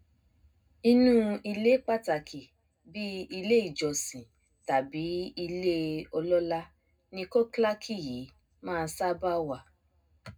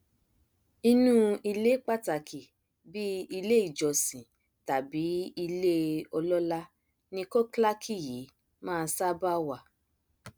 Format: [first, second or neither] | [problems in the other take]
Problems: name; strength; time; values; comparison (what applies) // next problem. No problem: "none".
second | room echo; dies away in 0.3 s